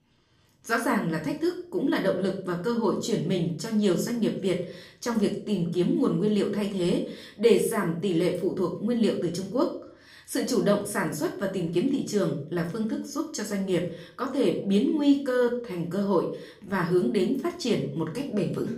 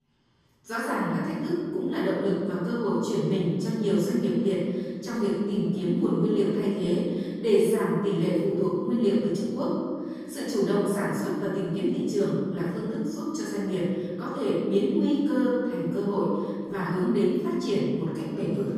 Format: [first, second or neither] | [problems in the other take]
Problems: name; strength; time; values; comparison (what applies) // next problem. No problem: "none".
first | room echo; strong; dies away in 1.8 s; slight in the first // off-mic speech; far; somewhat distant in the first